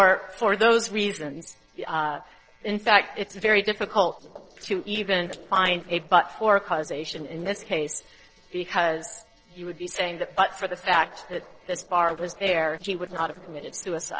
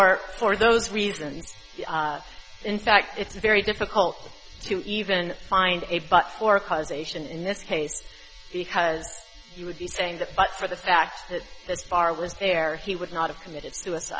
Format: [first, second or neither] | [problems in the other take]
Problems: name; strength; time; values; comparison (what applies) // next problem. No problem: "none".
second | noise reduction (neural separator model SepFormer DNS4)